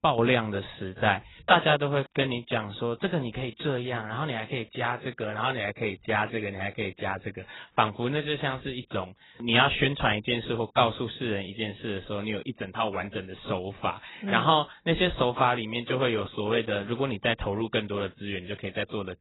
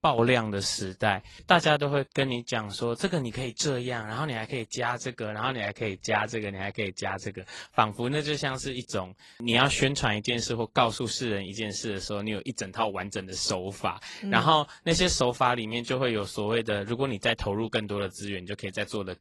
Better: second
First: garbled, watery; badly; nothing above 4 kHz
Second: garbled, watery; slightly

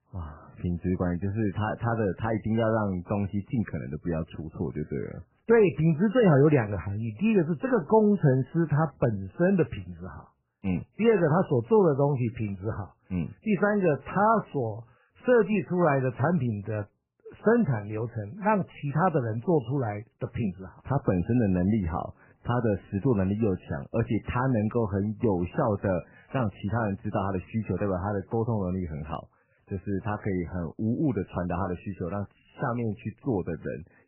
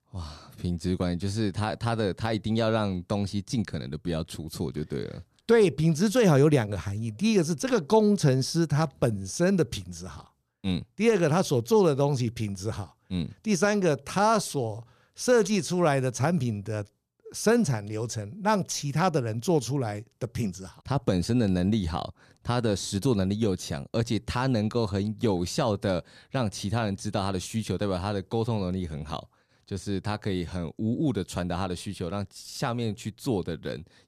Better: second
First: garbled, watery; badly; nothing above 3 kHz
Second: none

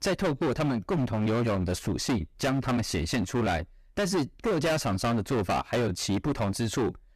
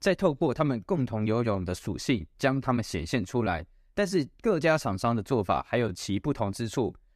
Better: second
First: distortion; heavy; 22% of the sound clipped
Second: none

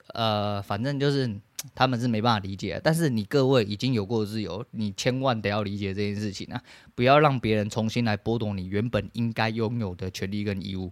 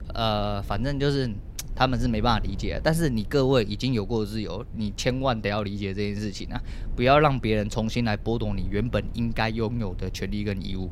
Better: first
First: none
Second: low rumble; faint; throughout; 25 dB below the speech

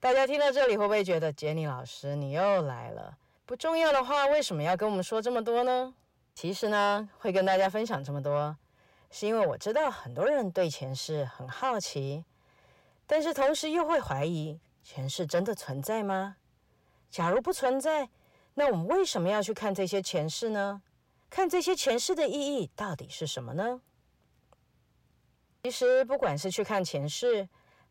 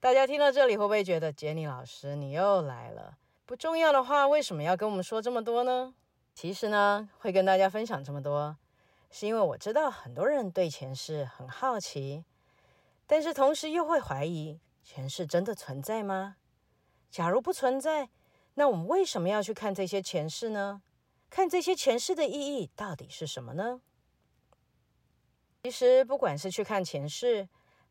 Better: second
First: distortion; slight; 10 dB below the speech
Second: none

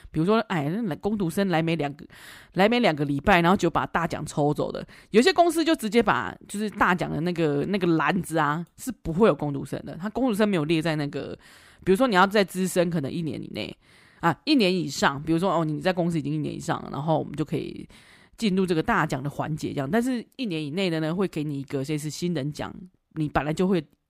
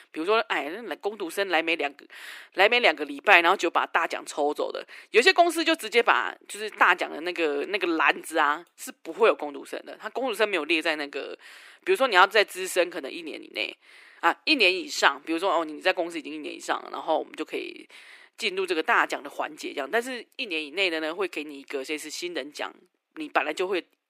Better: first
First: none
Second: thin; very; fading below 350 Hz

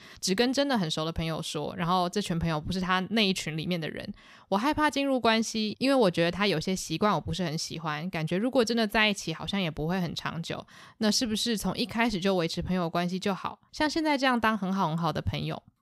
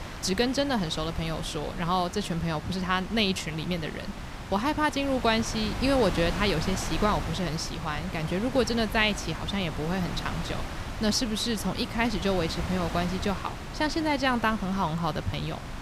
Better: first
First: none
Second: wind noise on the microphone; heavy; 9 dB below the speech

